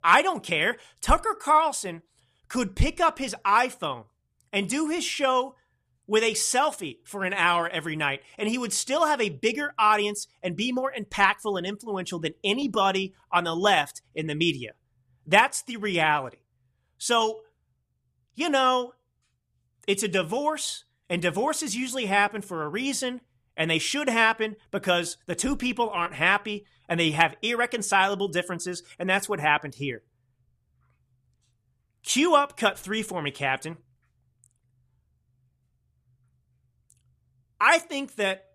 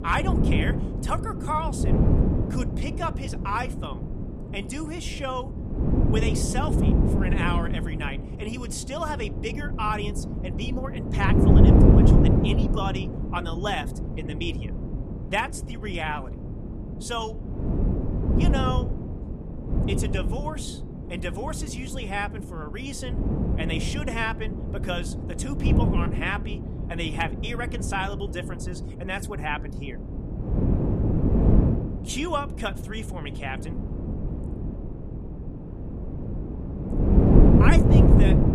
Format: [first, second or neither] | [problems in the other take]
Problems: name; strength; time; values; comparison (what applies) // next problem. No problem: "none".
first | wind noise on the microphone; heavy; 2 dB below the speech